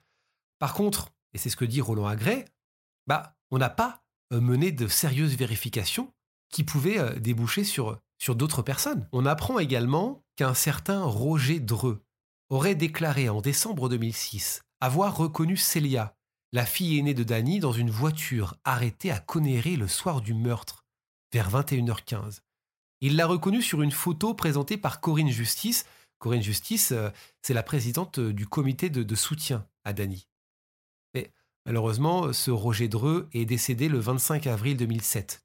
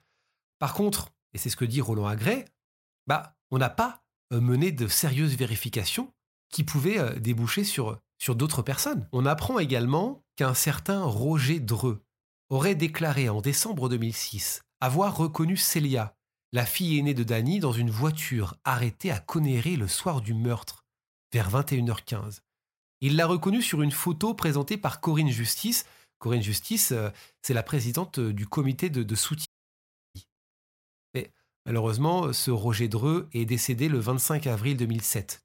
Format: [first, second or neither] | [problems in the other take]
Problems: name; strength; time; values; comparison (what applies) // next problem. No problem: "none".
first | audio cutting out; at 29 s for 0.5 s